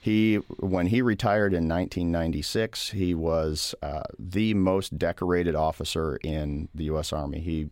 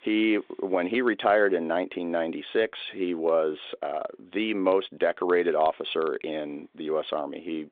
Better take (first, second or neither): first